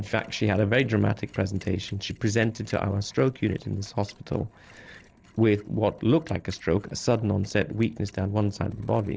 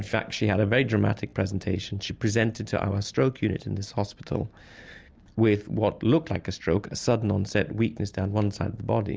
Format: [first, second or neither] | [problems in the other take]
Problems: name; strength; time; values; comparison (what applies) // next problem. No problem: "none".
second | noise reduction (neural separator model SepFormer DNS4)